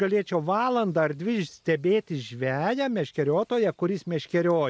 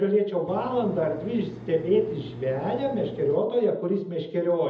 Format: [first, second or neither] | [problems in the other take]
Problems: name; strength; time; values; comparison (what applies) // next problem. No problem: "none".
first | background sound (Engine); 15 dB below the speech // room echo; dies away in 0.7 s